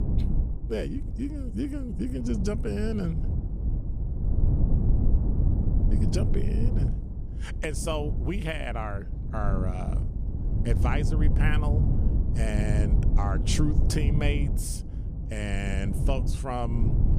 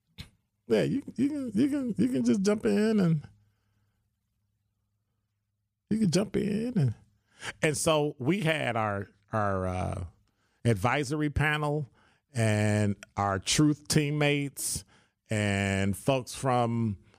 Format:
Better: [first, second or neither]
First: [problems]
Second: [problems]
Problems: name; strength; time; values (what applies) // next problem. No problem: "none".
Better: second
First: low rumble; loud; throughout; 6 dB below the speech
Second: none